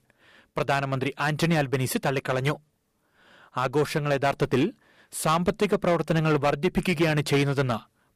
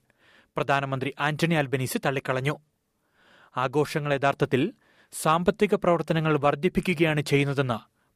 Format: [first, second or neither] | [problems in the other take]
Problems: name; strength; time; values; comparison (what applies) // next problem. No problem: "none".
second | distortion; slight; 5% of the sound clipped